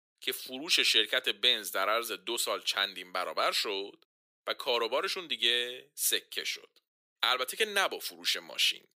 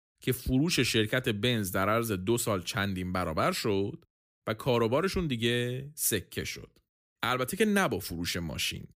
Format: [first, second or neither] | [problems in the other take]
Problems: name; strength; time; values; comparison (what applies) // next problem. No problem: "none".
second | thin; very; fading below 450 Hz